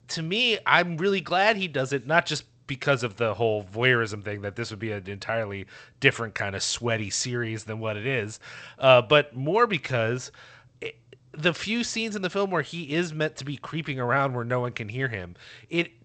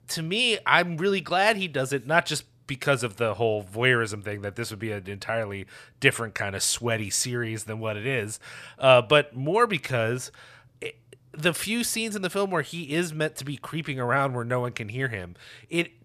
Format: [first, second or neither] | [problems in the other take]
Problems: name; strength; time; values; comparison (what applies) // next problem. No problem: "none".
second | garbled, watery; slightly; nothing above 8 kHz